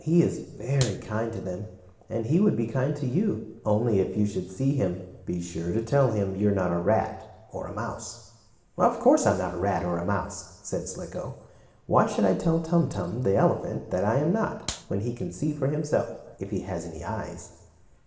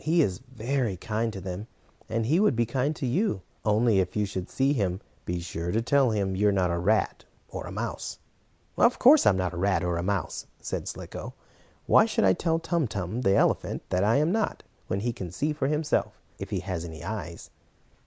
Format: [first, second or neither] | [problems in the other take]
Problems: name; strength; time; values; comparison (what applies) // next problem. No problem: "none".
second | background sound (Clapping); 12 dB below the speech // room echo; dies away in 1 s